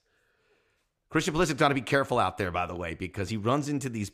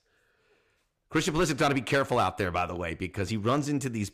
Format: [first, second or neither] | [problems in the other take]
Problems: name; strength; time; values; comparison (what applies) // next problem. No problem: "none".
first | distortion; slight; 2% of the sound clipped